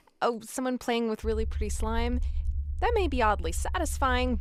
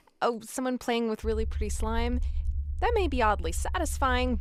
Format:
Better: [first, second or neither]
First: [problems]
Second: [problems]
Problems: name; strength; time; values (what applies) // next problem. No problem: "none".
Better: neither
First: low rumble; faint; from 1 s on; 25 dB below the speech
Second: low rumble; faint; from 1 s on; 25 dB below the speech